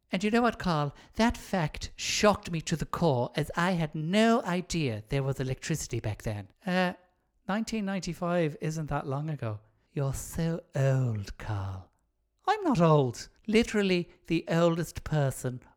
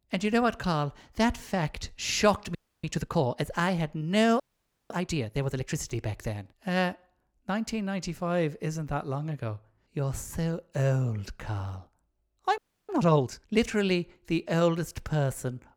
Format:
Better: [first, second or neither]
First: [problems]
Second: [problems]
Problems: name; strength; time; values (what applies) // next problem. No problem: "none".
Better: first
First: none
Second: audio freezing; at 2.5 s, at 4.5 s for 0.5 s and at 13 s